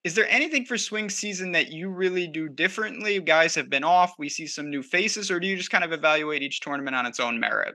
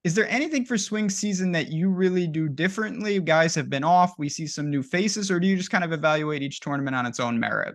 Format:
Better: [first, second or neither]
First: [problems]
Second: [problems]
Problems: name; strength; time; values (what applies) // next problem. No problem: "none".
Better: second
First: thin; somewhat; fading below 350 Hz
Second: none